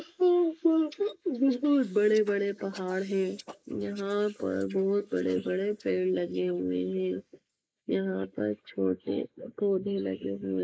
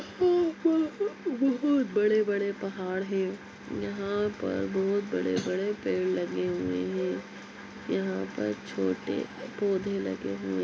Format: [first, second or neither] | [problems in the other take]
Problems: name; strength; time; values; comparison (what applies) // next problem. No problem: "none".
second | noise reduction (neural mask model Resemble Enhance denoiser)